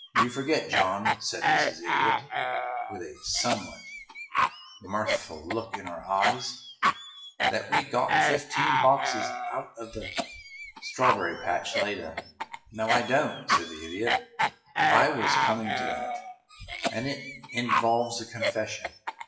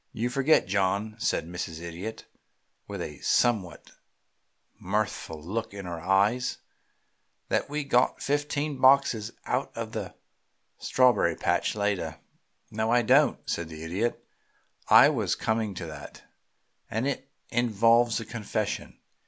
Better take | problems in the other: second | noise reduction (classical method WPE with log-MMSE)

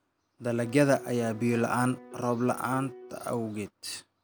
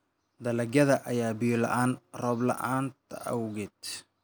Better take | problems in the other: second | background sound (Piano); 16 dB below the speech

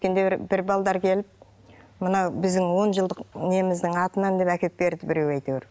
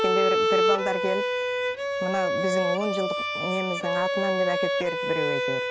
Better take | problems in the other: first | background sound (Bowed string instrument); 5 dB above the speech

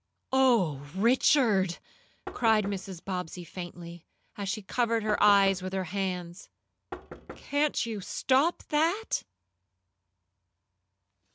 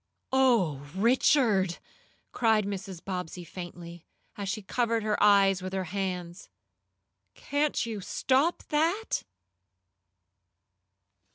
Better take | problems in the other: second | background sound (Knock); 16 dB below the speech

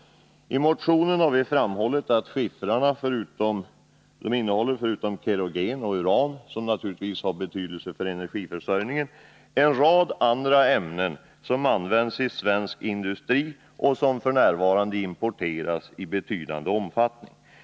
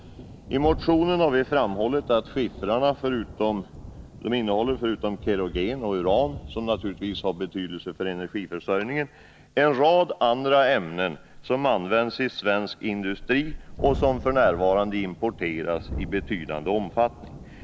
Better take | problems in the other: first | background sound (Thunderstorm); 15 dB below the speech

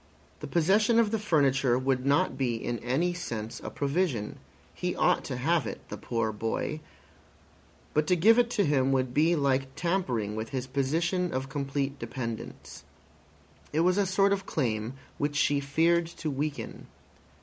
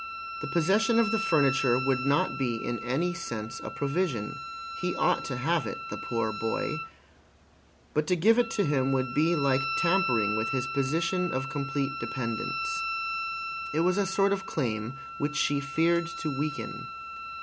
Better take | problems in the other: first | background sound (Wind instrument, woodwind instrument); 6 dB below the speech

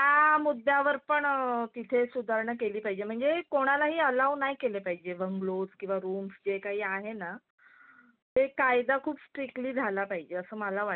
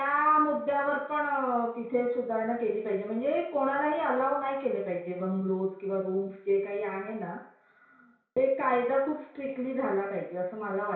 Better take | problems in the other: first | room echo; dies away in 0.6 s

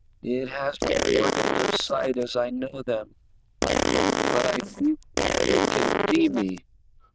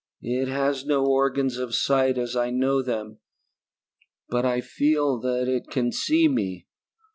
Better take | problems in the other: second | noise reduction (neural diffusion model UNIVERSE++)

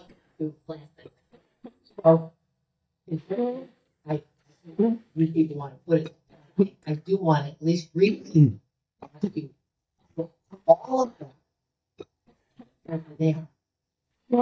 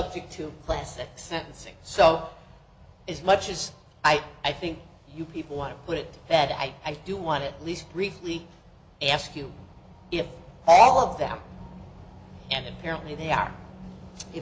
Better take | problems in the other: second | noise reduction (neural mask model DeepFilterNet 3)

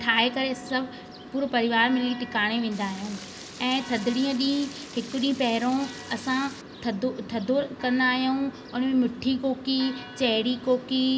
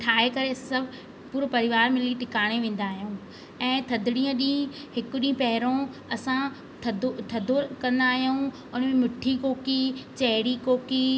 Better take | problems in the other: second | background sound (Stream + Church bell); 18 dB below the speech

